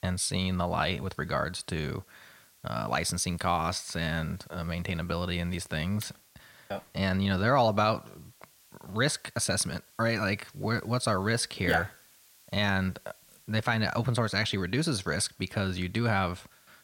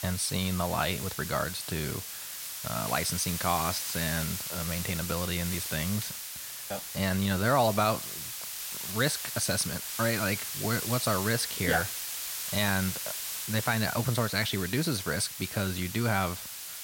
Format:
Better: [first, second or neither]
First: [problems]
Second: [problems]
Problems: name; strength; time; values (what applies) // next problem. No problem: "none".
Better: first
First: hiss; faint; throughout; 30 dB below the speech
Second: hiss; loud; throughout; 4 dB below the speech